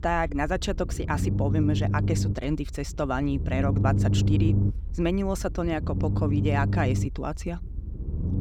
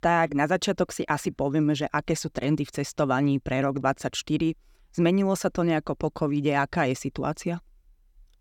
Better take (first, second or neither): second